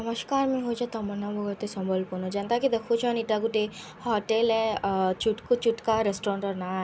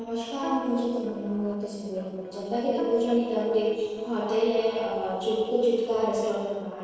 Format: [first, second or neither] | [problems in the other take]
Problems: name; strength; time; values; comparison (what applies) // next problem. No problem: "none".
first | noise reduction (neural separator model SepFormer DNS4)